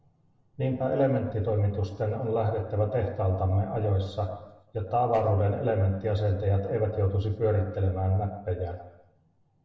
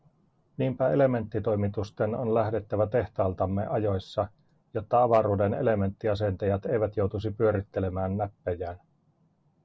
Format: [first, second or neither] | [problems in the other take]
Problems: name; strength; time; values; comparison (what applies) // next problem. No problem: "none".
second | room echo; dies away in 0.8 s